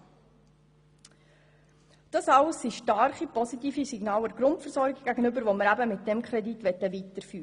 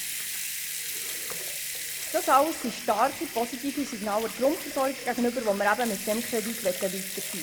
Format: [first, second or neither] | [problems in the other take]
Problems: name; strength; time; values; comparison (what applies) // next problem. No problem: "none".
first | background sound (Sink (filling or washing) / Water tap, faucet / Liquid); 6 dB below the speech